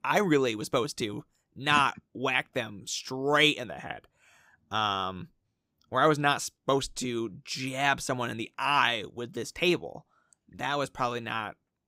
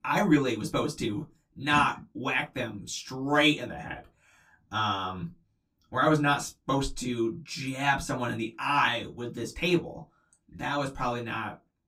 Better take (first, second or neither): first